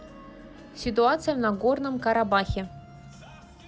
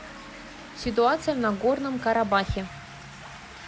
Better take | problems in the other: first | background sound (Stream); 18 dB below the speech

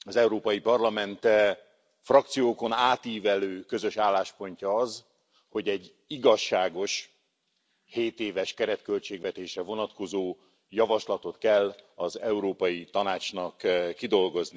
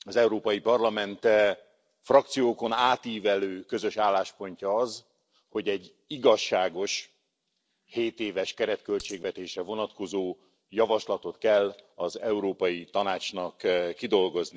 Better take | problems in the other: first | noise reduction (neural separator model SepFormer DNS4)

